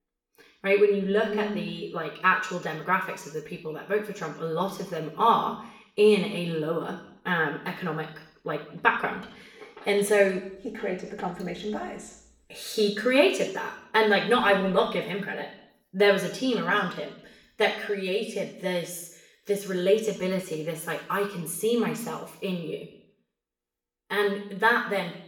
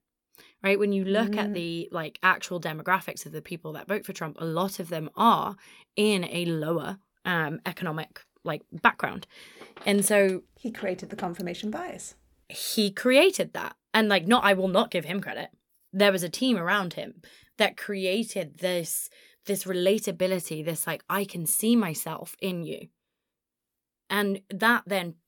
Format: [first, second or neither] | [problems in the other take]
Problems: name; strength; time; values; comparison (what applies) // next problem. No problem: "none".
second | room echo; noticeable; dies away in 0.7 s // off-mic speech; far